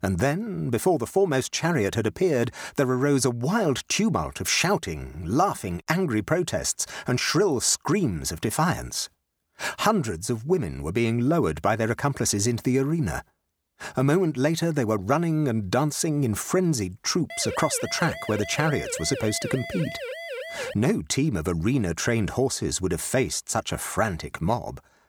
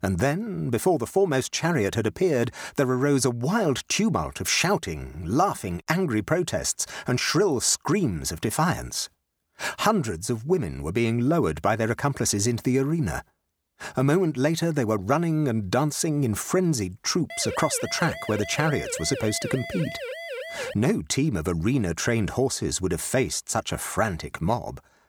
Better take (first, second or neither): neither